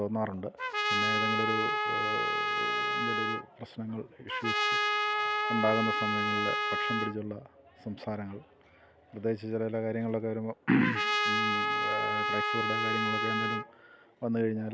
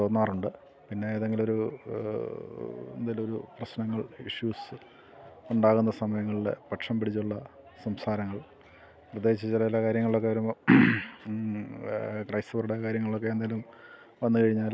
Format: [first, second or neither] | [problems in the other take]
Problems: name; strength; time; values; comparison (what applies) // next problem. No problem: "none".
second | background sound (Trumpet); 4 dB above the speech